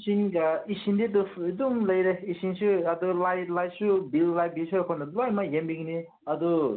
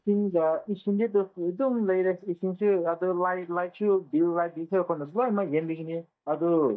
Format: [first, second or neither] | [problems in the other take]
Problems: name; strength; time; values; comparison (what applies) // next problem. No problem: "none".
first | noise reduction (neural mask model DeepFilterNet 3)